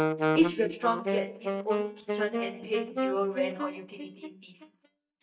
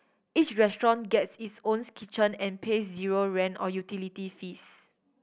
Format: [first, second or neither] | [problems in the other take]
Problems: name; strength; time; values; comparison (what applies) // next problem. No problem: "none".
second | noise reduction (neural mask model DeepFilterNet 3)